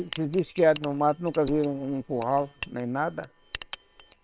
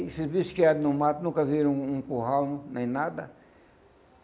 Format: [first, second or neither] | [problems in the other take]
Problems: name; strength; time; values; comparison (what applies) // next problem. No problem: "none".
second | noise reduction (neural separator model SepFormer WHAM!)